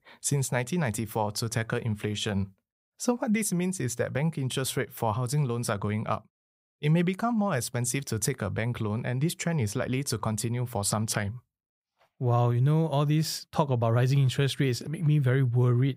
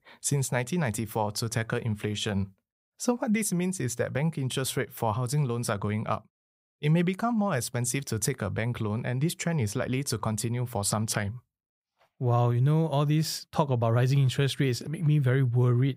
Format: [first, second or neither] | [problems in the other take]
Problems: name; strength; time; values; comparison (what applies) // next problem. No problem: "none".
neither | none